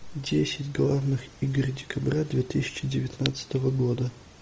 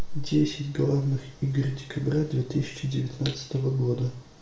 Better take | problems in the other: first | room echo; dies away in 0.4 s

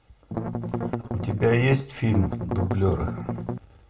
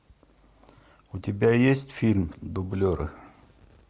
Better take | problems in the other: second | background sound (Strum); 3 dB below the speech // room echo; dies away in 0.3 s

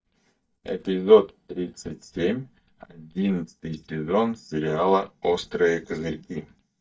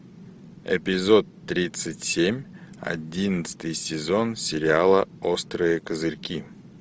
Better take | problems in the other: second | noise reduction (neural mask model DeepFilterNet 3)

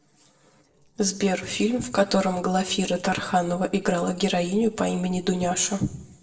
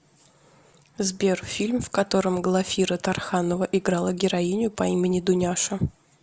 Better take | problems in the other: second | noise reduction (neural separator model SepFormer DNS4)

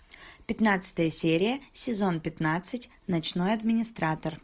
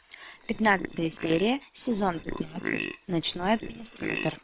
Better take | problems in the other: first | noise reduction (neural separator model SepFormer WHAM!)

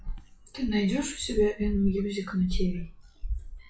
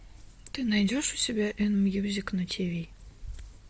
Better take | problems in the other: second | noise reduction (classical method WPE with log-MMSE)

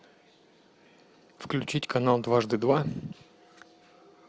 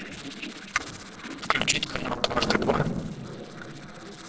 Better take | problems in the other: first | noise reduction (neural separator model SepFormer DNS4)

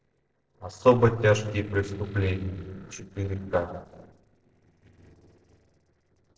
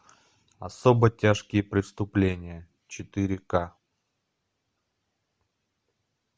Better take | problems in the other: second | noise reduction (neural separator model SepFormer DNS4)

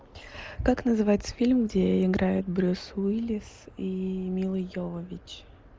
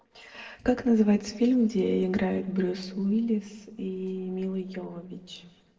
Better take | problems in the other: first | noise reduction (neural separator model SepFormer DNS4)

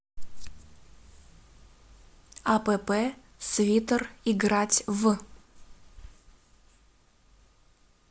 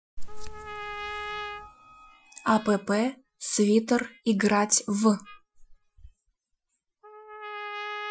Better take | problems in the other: first | noise reduction (classical method Wiener filter)

